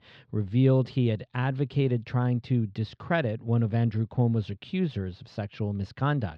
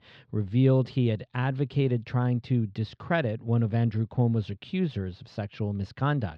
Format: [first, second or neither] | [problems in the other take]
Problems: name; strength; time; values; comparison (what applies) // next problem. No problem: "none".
neither | muffled; very slightly; fading above 4 kHz; the same in both